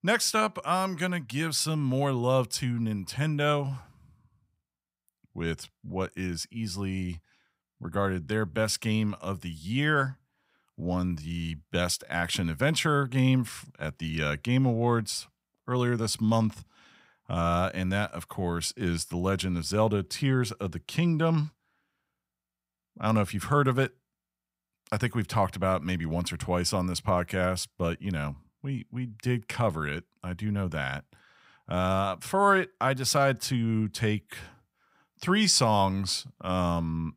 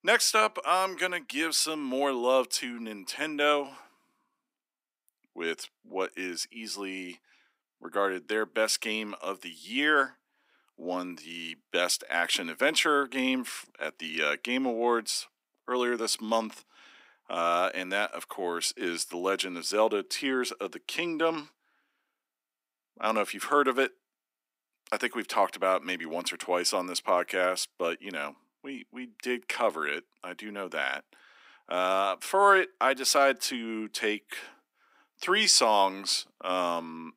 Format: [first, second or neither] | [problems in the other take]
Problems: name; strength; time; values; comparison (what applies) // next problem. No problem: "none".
first | thin; somewhat; fading below 250 Hz